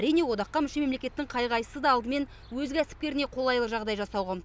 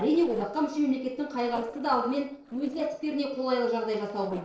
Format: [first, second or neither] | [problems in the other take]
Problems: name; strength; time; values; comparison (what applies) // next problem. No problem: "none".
first | noise reduction (neural separator model SepFormer DNS4)